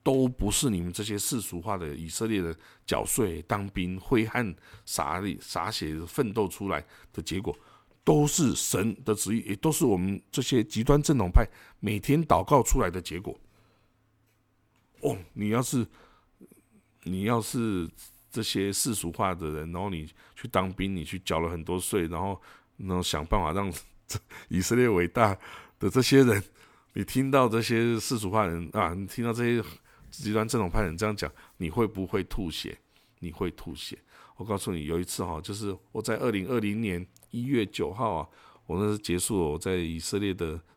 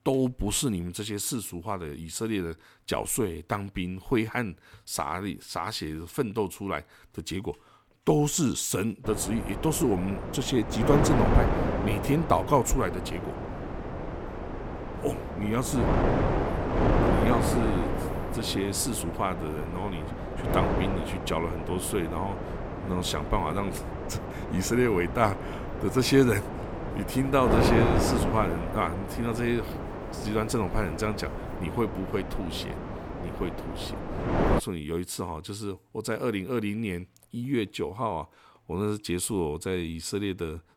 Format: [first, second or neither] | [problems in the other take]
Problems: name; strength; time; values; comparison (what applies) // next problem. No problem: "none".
first | wind noise on the microphone; heavy; from 9 to 35 s; 2 dB below the speech